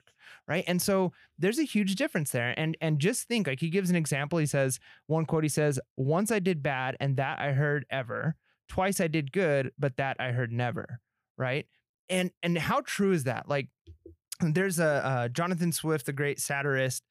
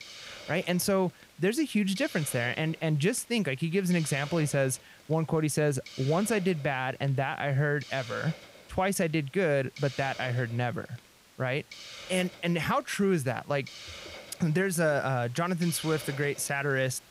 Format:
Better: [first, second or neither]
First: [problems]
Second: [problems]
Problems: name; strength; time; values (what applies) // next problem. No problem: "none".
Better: first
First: none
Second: hiss; noticeable; throughout; 15 dB below the speech